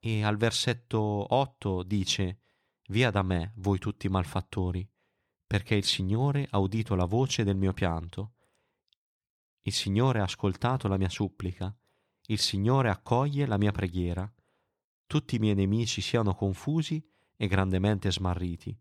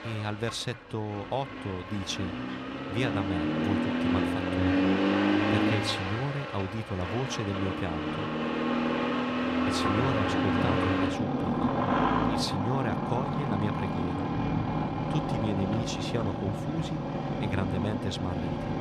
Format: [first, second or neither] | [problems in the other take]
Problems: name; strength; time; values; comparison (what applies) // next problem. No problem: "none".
first | traffic noise; very loud; throughout; 5 dB above the speech